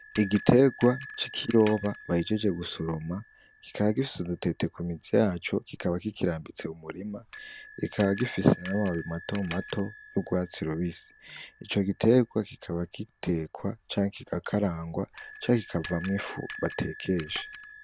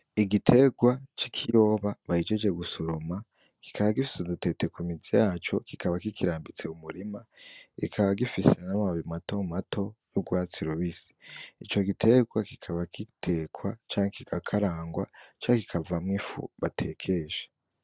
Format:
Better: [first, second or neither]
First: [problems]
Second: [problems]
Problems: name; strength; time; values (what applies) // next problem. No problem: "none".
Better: second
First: background sound (Bell); 17 dB below the speech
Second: none